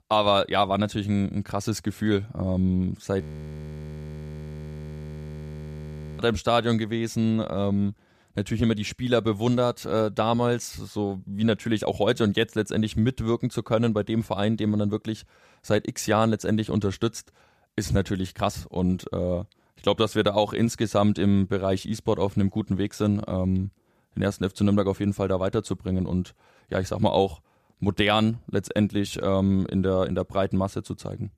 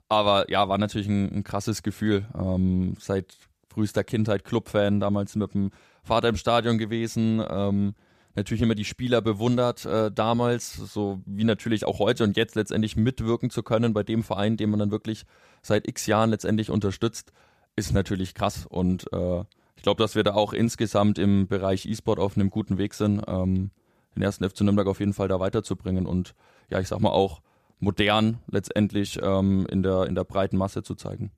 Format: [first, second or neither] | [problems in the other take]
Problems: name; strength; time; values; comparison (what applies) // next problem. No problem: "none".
second | audio freezing; at 3 s for 3 s